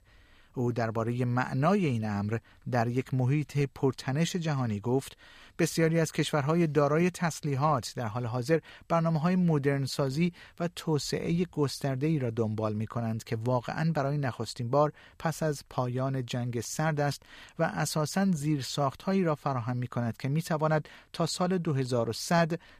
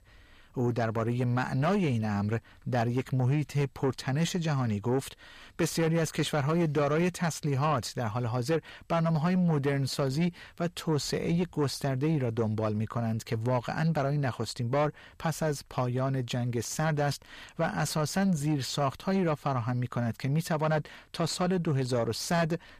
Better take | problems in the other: first | distortion; slight; 10 dB below the speech

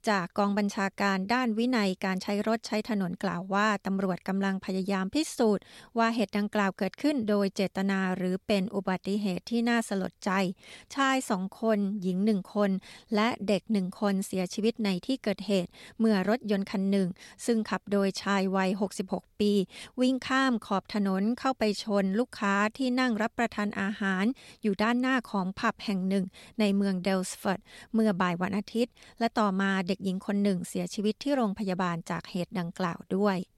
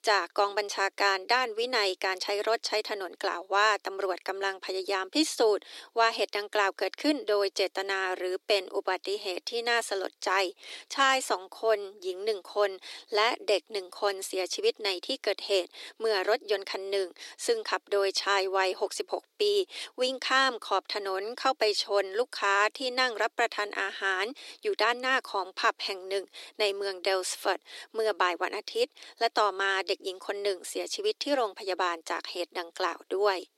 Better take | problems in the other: first | thin; very; fading below 300 Hz

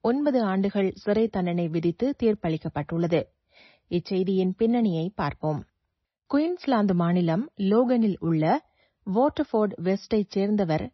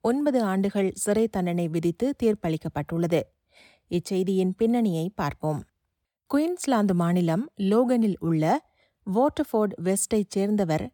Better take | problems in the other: second | garbled, watery; slightly; nothing above 6 kHz

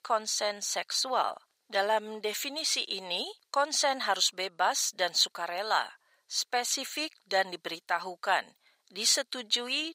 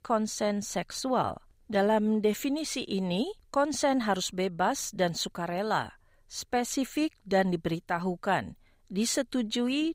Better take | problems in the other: second | thin; very; fading below 750 Hz

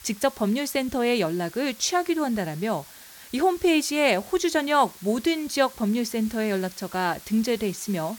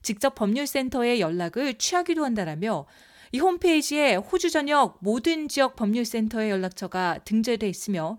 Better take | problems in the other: second | hiss; noticeable; throughout; 20 dB below the speech

